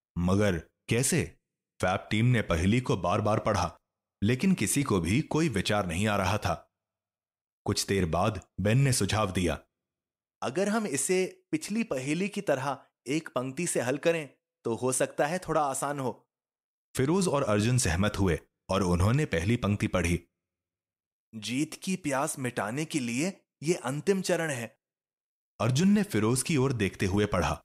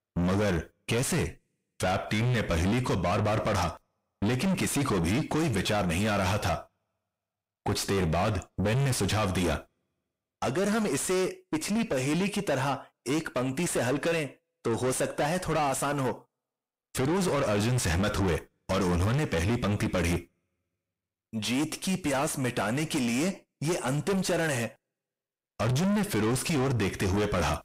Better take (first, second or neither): first